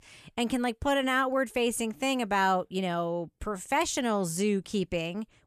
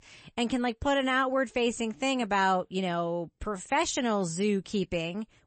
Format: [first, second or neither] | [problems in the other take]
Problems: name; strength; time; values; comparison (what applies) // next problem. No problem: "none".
first | garbled, watery; slightly; nothing above 8 kHz